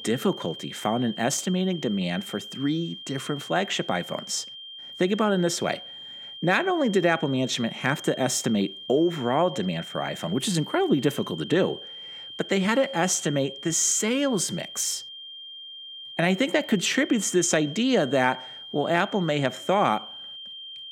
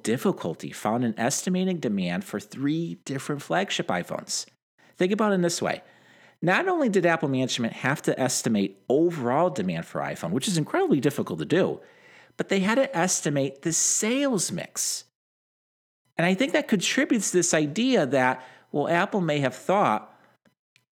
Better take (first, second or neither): second